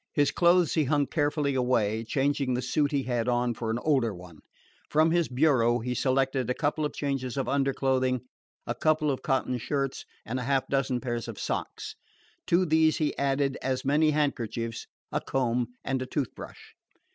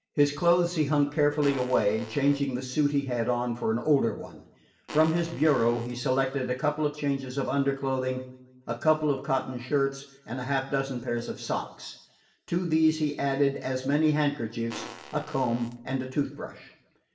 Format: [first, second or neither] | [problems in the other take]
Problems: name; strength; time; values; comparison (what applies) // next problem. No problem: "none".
first | background sound (Fart); 16 dB below the speech // room echo; dies away in 0.7 s